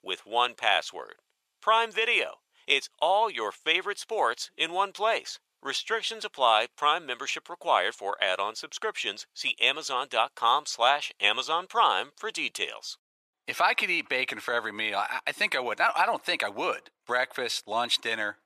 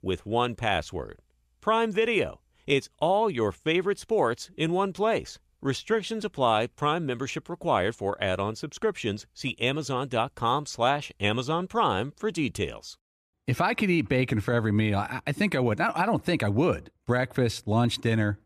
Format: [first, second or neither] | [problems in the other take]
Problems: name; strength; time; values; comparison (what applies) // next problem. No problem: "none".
second | thin; very; fading below 800 Hz